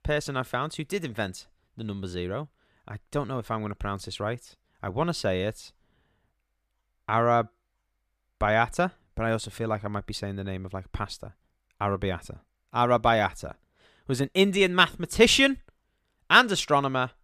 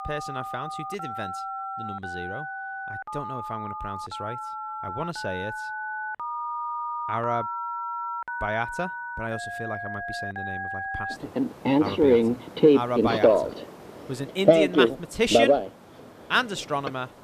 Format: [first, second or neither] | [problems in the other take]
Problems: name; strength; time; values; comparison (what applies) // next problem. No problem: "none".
first | alarms or sirens; very loud; throughout; 5 dB above the speech